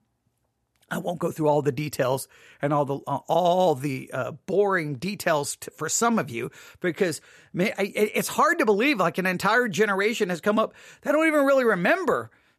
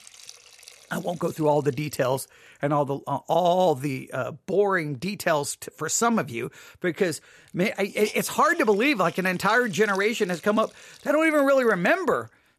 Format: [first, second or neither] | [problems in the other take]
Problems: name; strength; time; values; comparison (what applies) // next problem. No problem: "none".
first | hiss; faint; until 4 s and from 7 s on; 20 dB below the speech